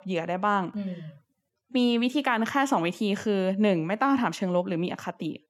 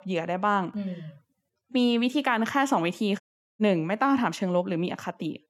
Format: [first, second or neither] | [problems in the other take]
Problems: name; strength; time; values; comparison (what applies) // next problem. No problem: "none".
first | audio cutting out; at 3 s